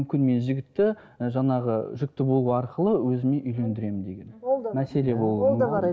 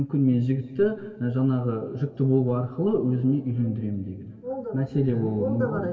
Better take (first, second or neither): first